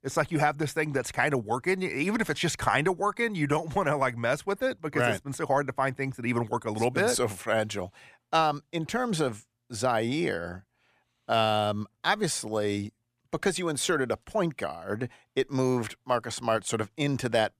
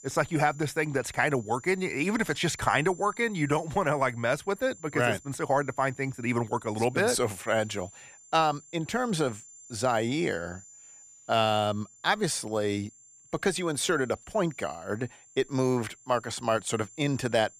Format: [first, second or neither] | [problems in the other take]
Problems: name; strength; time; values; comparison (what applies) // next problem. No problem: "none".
first | high-pitched whine; faint; throughout; 7 kHz, 20 dB below the speech